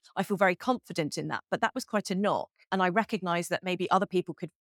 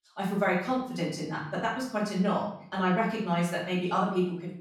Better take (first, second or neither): first